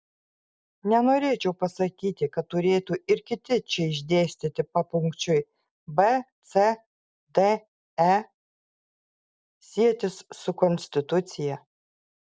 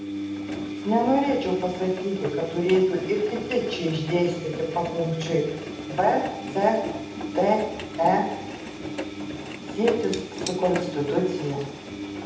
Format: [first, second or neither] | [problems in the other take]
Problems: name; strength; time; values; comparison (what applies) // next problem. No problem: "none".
first | background sound (Engine); 8 dB below the speech // room echo; dies away in 0.8 s